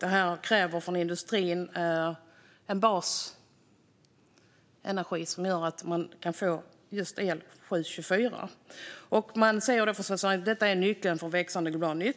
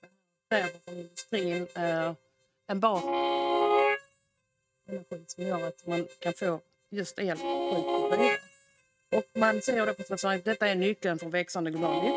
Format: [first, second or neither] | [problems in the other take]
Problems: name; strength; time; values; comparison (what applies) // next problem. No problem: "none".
first | noise reduction (neural mask model RNNoise)